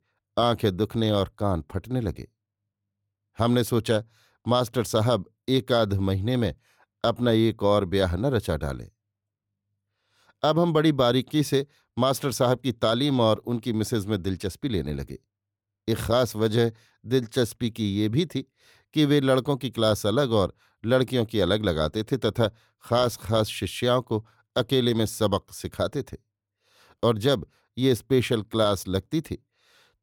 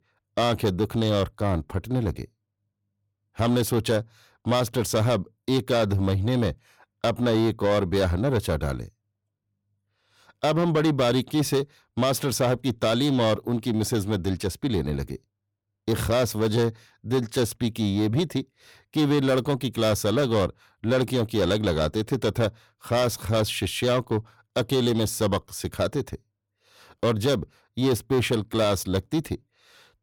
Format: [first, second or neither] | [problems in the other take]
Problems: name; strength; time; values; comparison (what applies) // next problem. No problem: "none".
first | distortion; slight; 10 dB below the speech